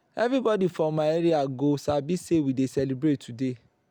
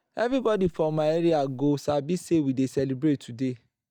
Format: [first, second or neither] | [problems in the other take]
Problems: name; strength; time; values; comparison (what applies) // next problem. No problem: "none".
first | noise reduction (neural mask model DeepFilterNet 3)